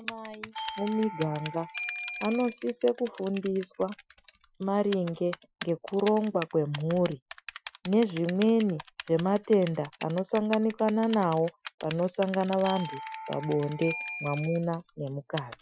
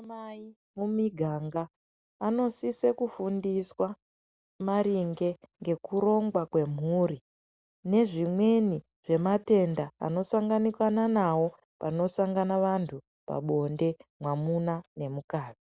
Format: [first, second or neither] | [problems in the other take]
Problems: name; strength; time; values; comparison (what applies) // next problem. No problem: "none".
second | noise reduction (classical method Wiener filter)